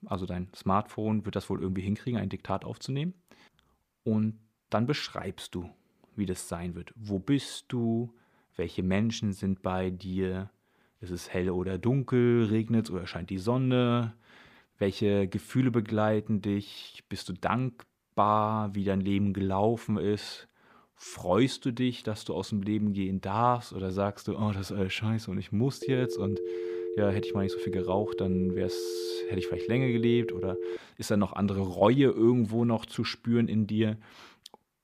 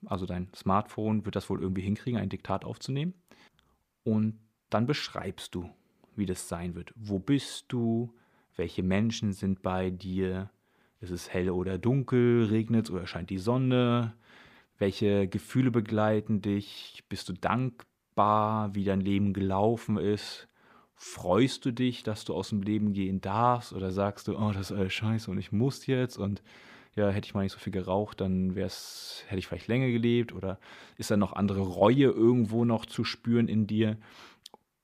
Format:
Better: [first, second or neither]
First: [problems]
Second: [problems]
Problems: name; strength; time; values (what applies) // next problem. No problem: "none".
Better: second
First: phone ringing; noticeable; from 26 to 31 s; peak 5 dB below the speech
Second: none